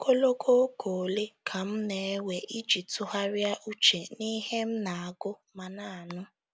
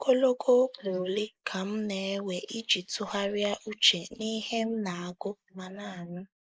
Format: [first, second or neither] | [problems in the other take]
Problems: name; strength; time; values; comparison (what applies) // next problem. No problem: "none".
first | noise reduction (neural mask model Resemble Enhance denoiser)